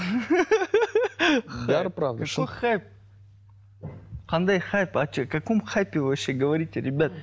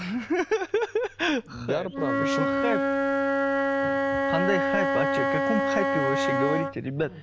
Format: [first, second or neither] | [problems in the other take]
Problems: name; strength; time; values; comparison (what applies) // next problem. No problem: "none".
first | background sound (Wind instrument, woodwind instrument); 3 dB above the speech